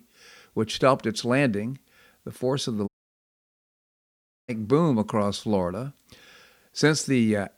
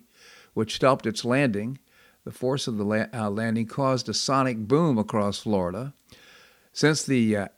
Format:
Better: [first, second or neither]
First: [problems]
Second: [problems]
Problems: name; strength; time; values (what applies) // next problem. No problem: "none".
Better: second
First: audio cutting out; at 3 s for 1.5 s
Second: none